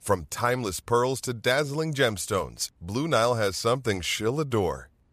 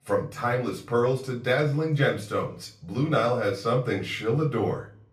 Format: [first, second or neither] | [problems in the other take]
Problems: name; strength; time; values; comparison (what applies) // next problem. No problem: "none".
first | room echo; slight; dies away in 0.4 s // off-mic speech; far